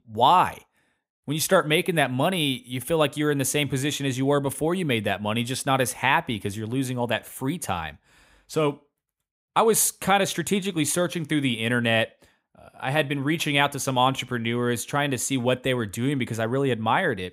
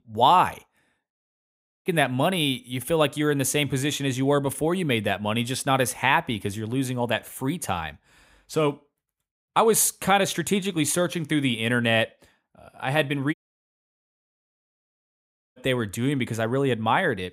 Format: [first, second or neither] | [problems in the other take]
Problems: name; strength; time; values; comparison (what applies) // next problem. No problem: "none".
first | audio cutting out; at 1 s for 0.5 s and at 13 s for 2 s